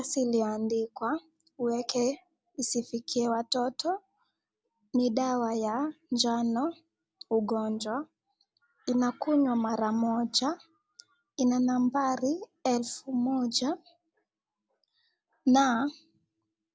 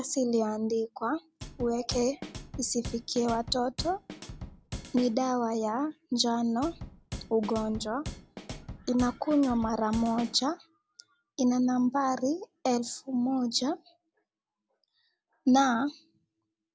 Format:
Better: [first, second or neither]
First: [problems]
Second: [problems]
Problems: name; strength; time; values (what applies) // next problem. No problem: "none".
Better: first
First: none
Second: background sound (Drum kit); 12 dB below the speech